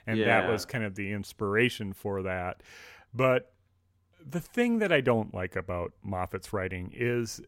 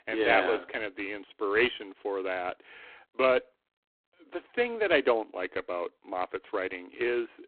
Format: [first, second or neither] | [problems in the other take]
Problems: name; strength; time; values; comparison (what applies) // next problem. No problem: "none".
first | phone-call audio; poor line